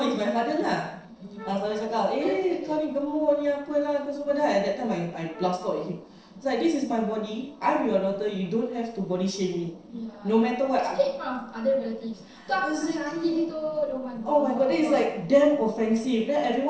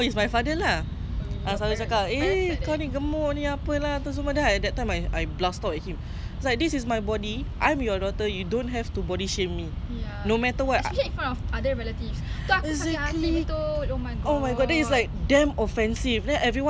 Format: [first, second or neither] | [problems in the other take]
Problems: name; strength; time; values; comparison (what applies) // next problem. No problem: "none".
second | noise reduction (neural separator model SepFormer DNS4)